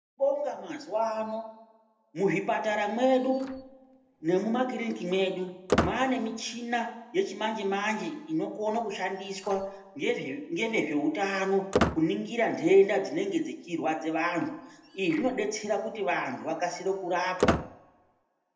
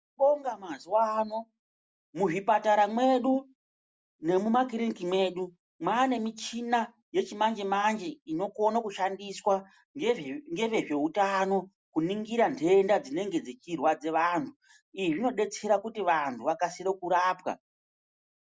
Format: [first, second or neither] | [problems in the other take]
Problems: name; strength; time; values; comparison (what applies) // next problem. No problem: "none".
second | background sound (Squeak); 7 dB below the speech // room echo; dies away in 0.6 s